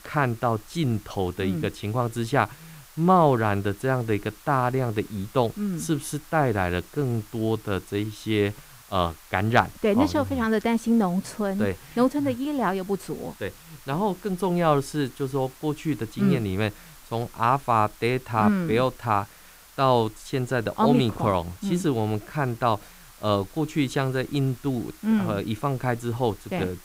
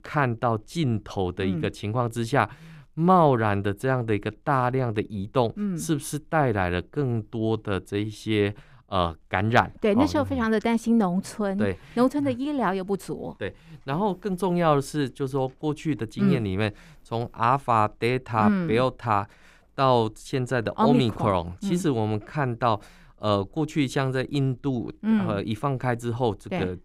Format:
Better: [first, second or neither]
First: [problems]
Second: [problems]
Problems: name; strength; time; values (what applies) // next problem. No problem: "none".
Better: second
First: hiss; faint; throughout; 25 dB below the speech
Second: none